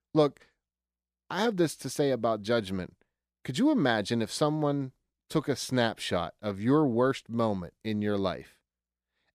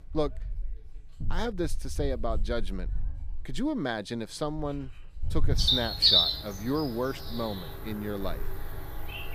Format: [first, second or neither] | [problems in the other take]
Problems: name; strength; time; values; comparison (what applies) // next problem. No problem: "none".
first | animal sounds; very loud; throughout; 5 dB above the speech